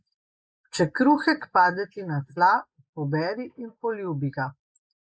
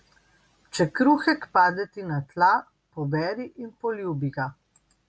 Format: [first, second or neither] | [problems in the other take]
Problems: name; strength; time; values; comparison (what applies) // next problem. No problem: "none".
second | noise reduction (neural mask model Resemble Enhance denoiser)